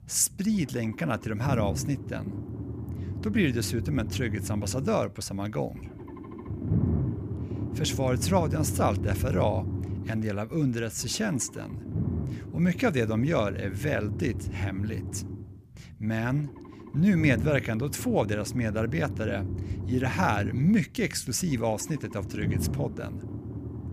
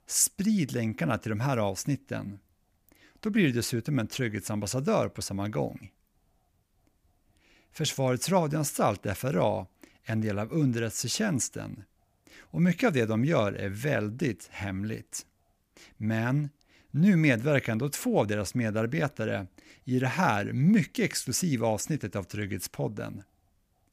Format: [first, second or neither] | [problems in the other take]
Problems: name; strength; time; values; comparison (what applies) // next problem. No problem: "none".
second | low rumble; noticeable; throughout; 10 dB below the speech